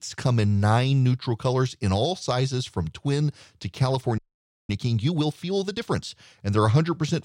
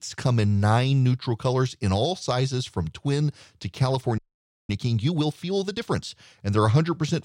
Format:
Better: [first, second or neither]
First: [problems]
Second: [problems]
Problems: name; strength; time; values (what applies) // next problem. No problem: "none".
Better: neither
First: audio freezing; at 4 s for 0.5 s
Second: audio freezing; at 4 s for 0.5 s